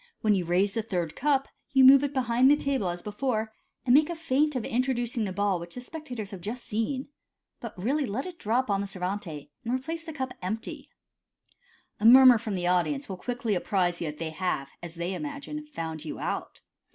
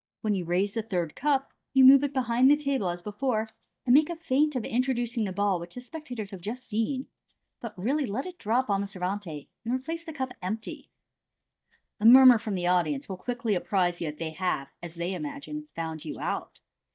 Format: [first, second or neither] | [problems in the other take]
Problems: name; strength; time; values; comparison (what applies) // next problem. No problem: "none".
first | noise reduction (neural mask model DeepFilterNet 3)